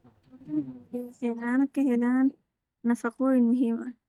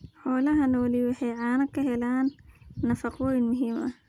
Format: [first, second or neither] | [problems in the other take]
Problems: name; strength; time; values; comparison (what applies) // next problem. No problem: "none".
second | noise reduction (neural mask model DeepFilterNet 3)